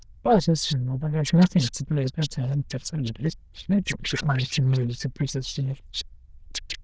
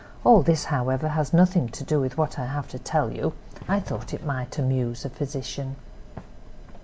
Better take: second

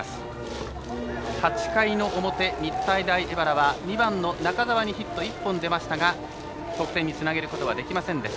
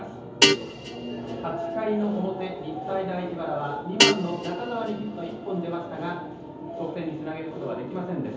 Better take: first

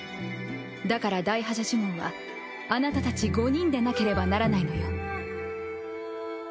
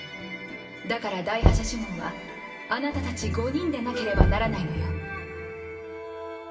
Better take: first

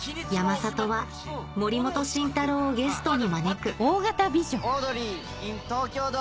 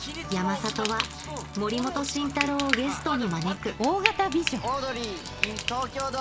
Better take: first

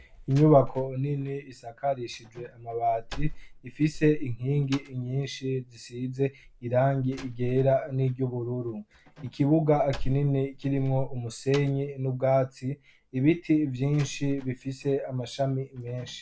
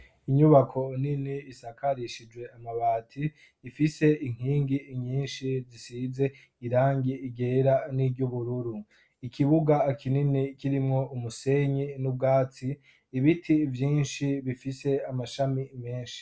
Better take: second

